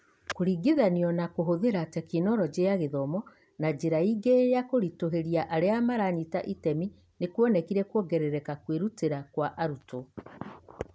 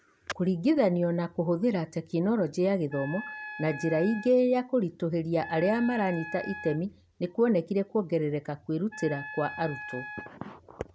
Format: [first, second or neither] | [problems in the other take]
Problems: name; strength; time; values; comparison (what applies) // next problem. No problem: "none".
first | background sound (Wind instrument, woodwind instrument); 13 dB below the speech